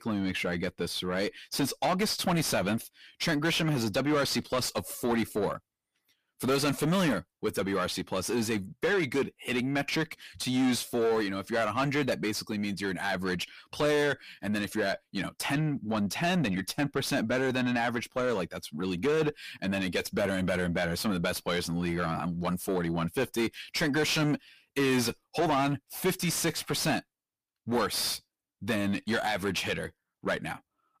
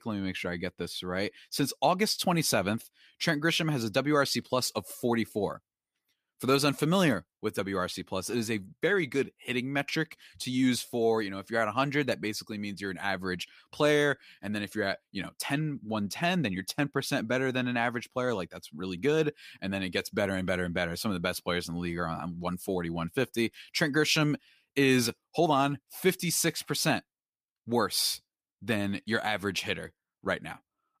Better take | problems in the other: second | distortion; heavy; 8 dB below the speech

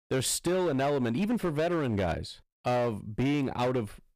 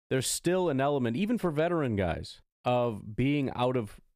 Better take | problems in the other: second | distortion; slight; 15% of the sound clipped

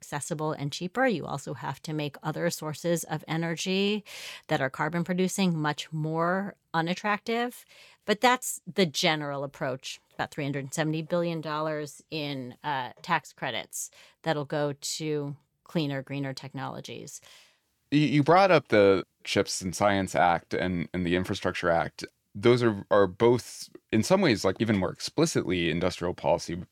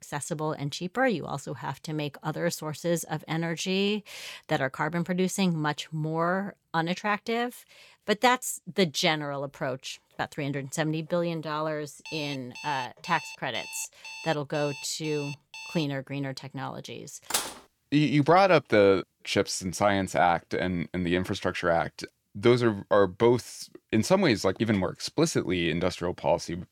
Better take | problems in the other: first | alarm; faint; from 12 to 16 s; peak 10 dB below the speech // clattering dishes; noticeable; at 17 s; peak 2 dB below the speech

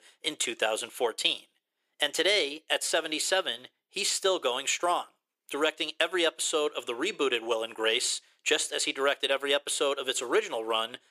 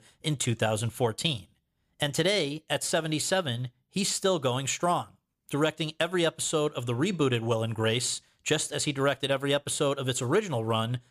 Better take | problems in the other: second | thin; very; fading below 350 Hz

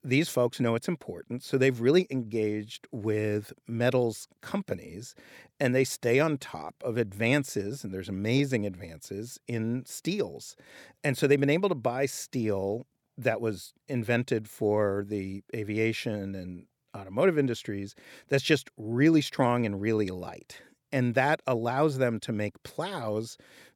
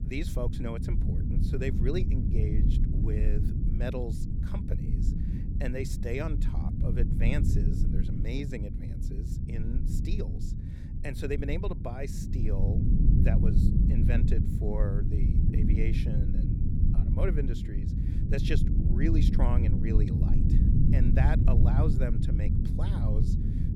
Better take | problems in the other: first | low rumble; loud; throughout; 1 dB below the speech

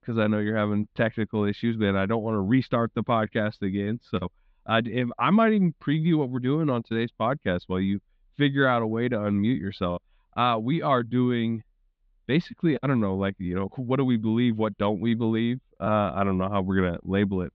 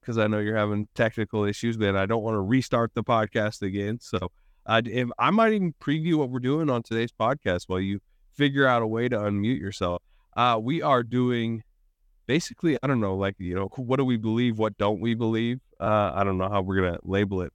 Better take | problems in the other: second | muffled; slightly; fading above 4 kHz

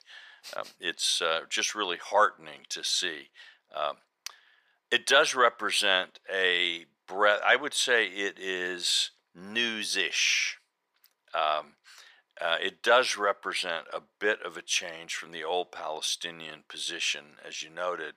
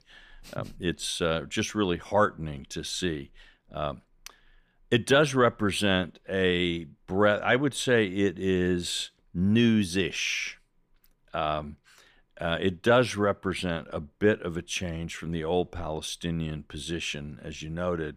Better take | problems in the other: second | thin; very; fading below 750 Hz

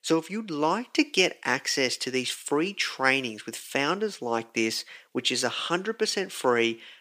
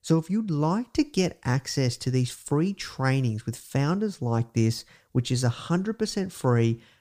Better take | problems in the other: second | thin; somewhat; fading below 300 Hz

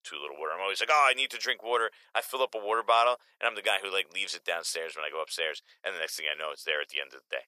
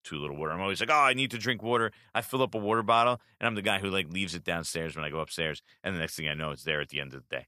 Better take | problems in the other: second | thin; very; fading below 500 Hz

